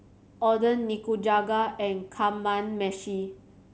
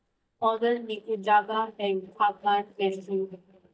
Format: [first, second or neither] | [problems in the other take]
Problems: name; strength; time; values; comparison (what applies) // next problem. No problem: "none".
first | noise reduction (neural mask model DeepFilterNet 3)